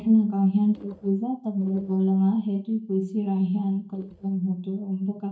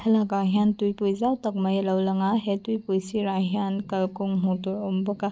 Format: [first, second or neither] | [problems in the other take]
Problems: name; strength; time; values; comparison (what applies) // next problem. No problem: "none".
second | noise reduction (neural mask model DeepFilterNet 3)